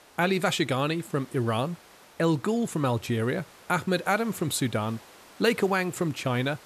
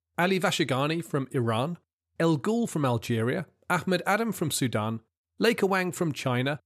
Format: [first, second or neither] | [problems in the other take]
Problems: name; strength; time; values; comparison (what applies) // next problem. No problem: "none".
second | hiss; faint; throughout; 25 dB below the speech